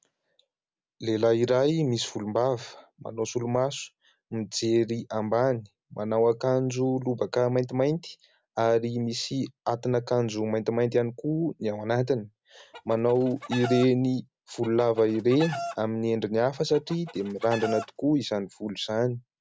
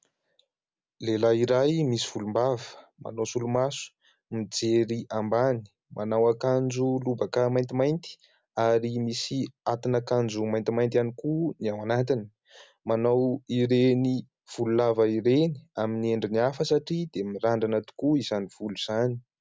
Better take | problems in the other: second | background sound (Chicken, rooster); 12 dB below the speech

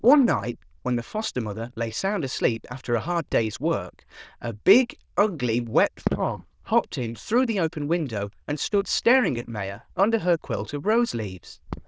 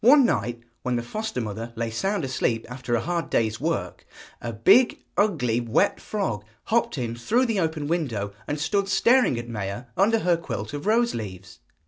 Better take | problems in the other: second | noise reduction (neural diffusion model UNIVERSE++)

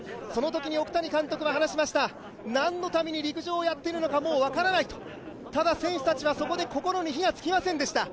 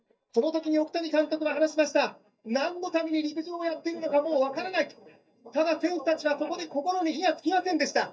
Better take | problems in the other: first | noise reduction (neural mask model DeepFilterNet 3)

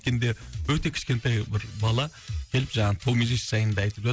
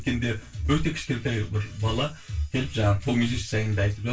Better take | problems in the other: first | room echo; dies away in 0.2 s

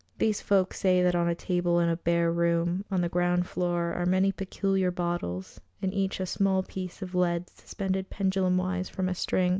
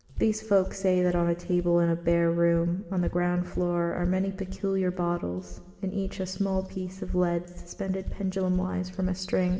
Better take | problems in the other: first | background sound (Walk, footsteps); 13 dB below the speech // room echo; dies away in 1.8 s

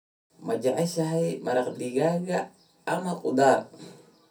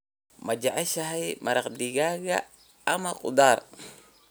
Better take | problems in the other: second | room echo; dies away in 0.3 s

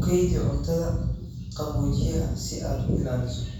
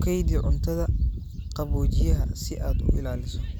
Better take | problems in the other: second | room echo; dies away in 0.6 s

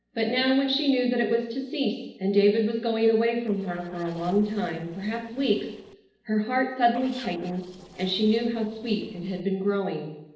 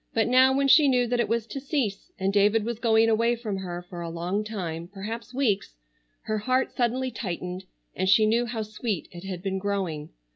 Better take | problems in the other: second | noise reduction (neural separator model SepFormer DNS4)

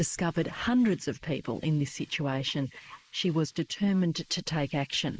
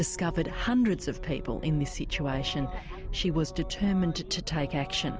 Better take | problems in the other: second | noise reduction (neural mask model Resemble Enhance denoiser)

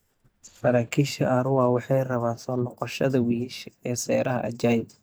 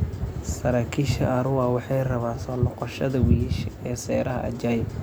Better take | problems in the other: second | noise reduction (neural mask model DeepFilterNet 3)

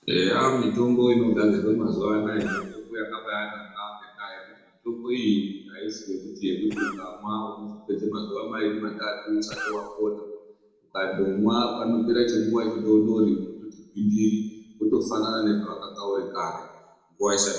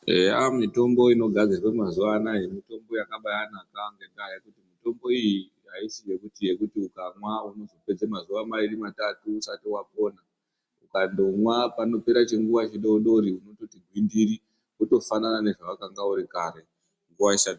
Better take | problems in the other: second | background sound (Cough); 11 dB below the speech // room echo; dies away in 1 s

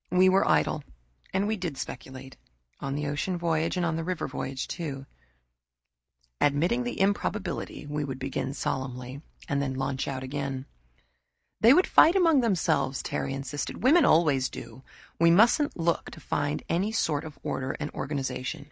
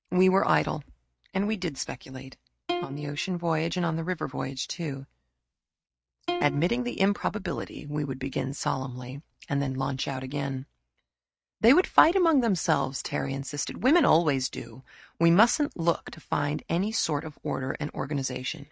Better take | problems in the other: first | noise reduction (neural mask model RNNoise)

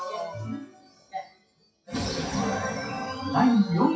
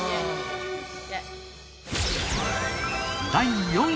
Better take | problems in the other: second | noise reduction (classical method WPE with log-MMSE)

